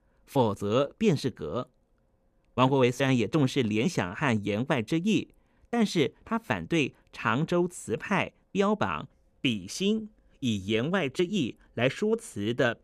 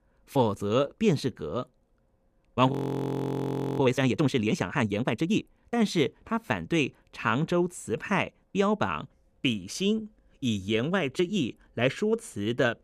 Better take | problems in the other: first | audio freezing; at 2.5 s for 1 s

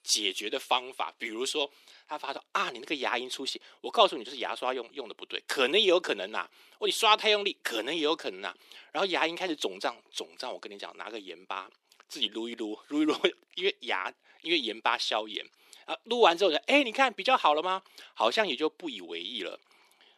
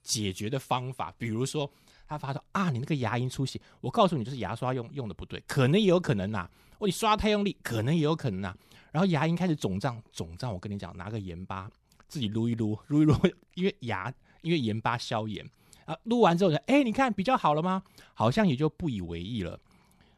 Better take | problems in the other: second | thin; very; fading below 300 Hz

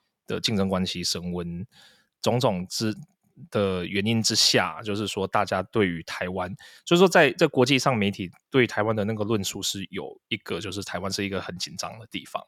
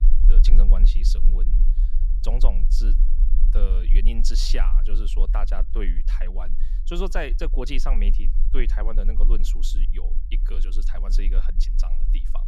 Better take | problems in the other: first | low rumble; noticeable; throughout; 15 dB below the speech

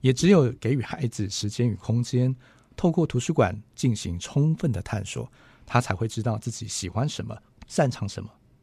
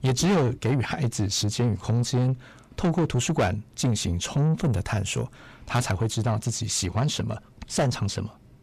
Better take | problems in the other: first | distortion; heavy; 7 dB below the speech

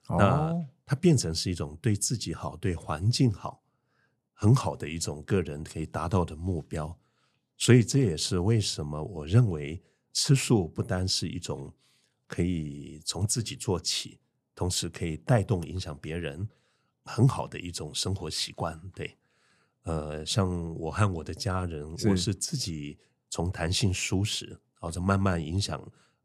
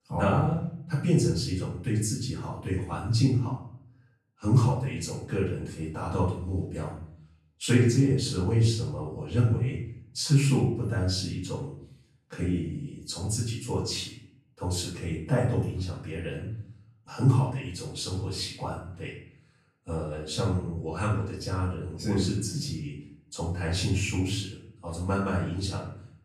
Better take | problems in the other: first | off-mic speech; far // room echo; noticeable; dies away in 0.6 s

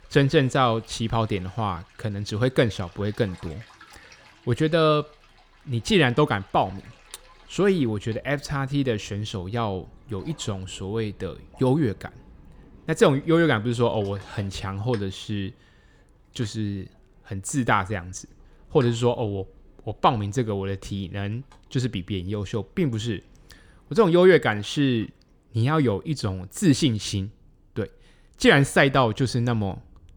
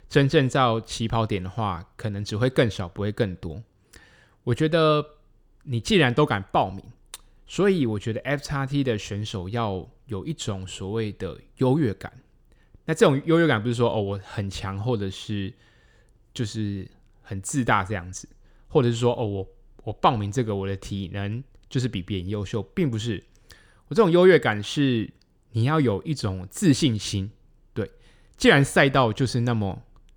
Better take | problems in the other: second | rain or running water; faint; throughout; 30 dB below the speech

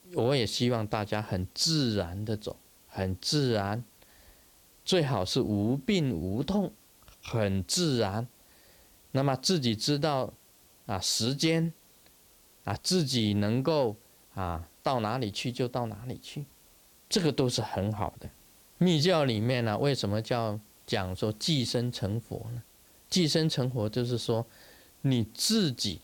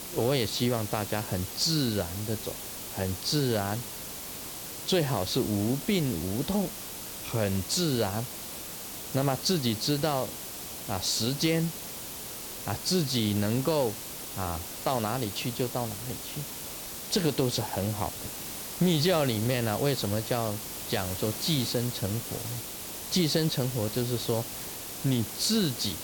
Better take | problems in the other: first | hiss; loud; throughout; 7 dB below the speech; faint in the first

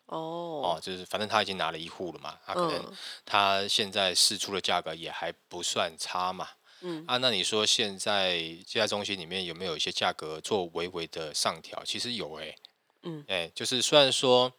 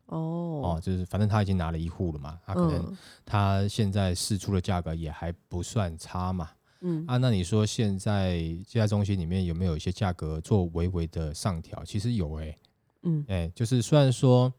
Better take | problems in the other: second | thin; very; fading below 500 Hz

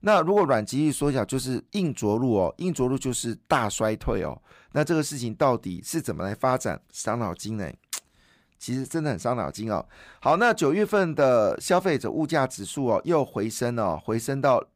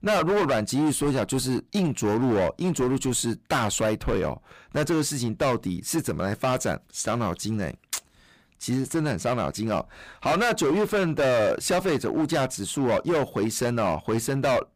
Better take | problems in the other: first | distortion; heavy; 16% of the sound clipped

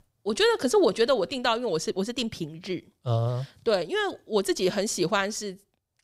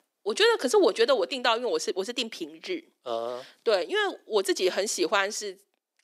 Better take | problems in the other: first | thin; somewhat; fading below 250 Hz

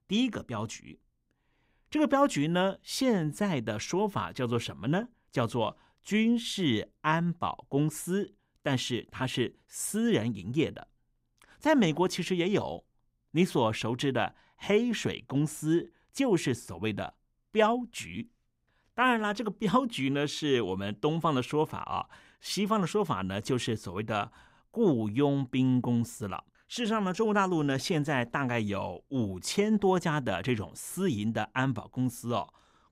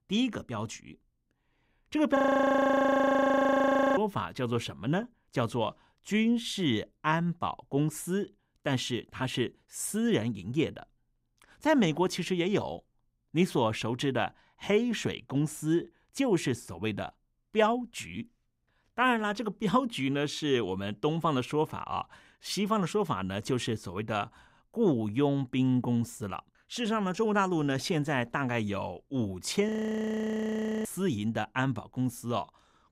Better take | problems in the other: first | audio freezing; at 2 s for 2 s and at 30 s for 1 s

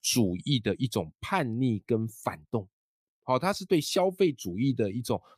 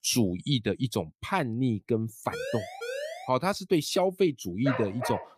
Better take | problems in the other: first | siren; noticeable; at 2.5 s; peak 6 dB below the speech // dog barking; noticeable; at 4.5 s; peak 5 dB below the speech

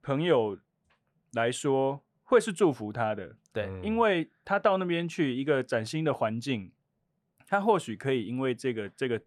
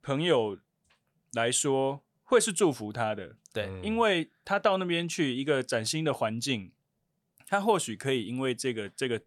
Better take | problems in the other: second | muffled; slightly; fading above 3 kHz

